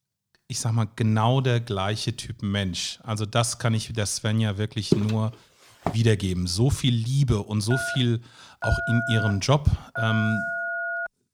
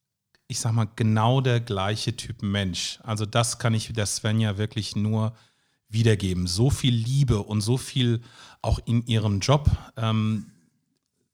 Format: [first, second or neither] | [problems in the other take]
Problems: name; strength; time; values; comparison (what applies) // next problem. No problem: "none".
second | footsteps; noticeable; at 5 s; peak 2 dB below the speech // phone ringing; noticeable; from 7.5 s on; peak 3 dB below the speech